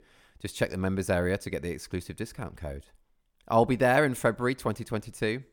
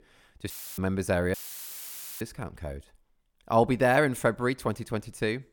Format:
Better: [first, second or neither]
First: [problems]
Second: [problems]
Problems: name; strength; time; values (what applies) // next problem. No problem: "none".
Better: first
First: none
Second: audio cutting out; filled with static; at 0.5 s and at 1.5 s for 1 s